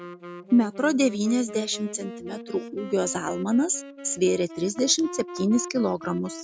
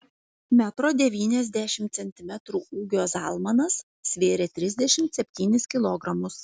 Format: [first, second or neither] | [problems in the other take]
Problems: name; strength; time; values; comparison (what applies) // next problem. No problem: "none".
second | background sound (Wind instrument, woodwind instrument); 14 dB below the speech